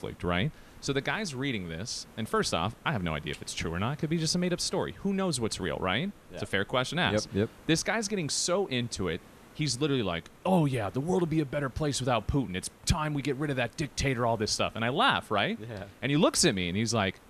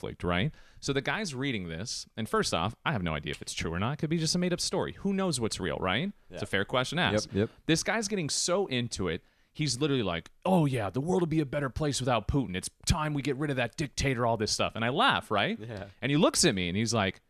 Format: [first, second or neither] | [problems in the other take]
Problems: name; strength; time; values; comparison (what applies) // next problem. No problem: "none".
second | hiss; faint; throughout; 25 dB below the speech